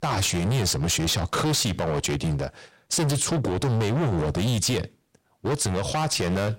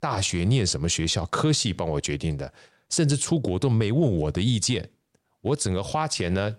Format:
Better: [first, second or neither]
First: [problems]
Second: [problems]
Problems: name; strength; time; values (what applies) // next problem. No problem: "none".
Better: second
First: distortion; heavy; 29% of the sound clipped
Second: none